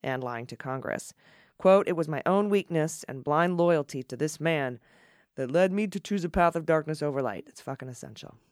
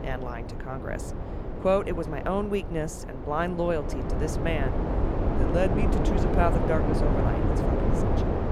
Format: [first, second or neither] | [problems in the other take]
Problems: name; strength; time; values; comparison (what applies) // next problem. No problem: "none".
first | wind noise on the microphone; heavy; 3 dB below the speech